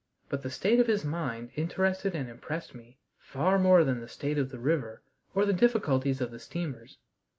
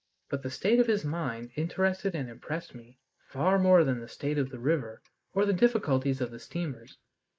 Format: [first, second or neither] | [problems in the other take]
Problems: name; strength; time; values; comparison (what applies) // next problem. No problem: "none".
first | noise reduction (neural mask model Resemble Enhance denoiser)